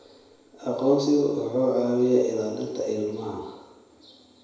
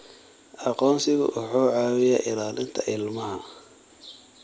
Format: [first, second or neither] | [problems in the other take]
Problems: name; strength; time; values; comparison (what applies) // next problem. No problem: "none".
second | room echo; dies away in 1 s